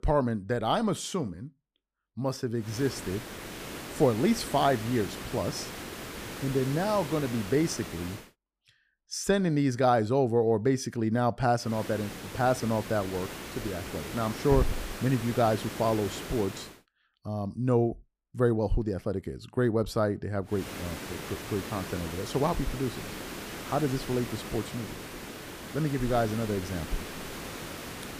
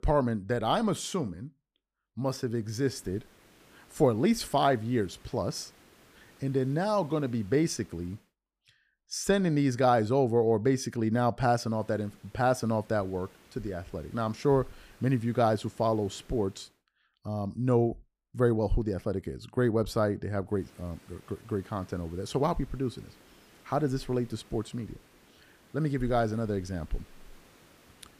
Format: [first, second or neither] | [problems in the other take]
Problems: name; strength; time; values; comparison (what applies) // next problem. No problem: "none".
second | hiss; loud; from 2.5 to 8 s, from 12 to 17 s and from 21 s on; 9 dB below the speech; faint in the second